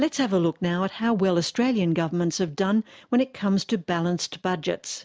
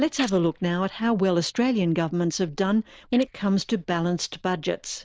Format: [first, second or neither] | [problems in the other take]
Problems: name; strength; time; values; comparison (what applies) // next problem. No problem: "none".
first | noise reduction (neural diffusion model UNIVERSE++)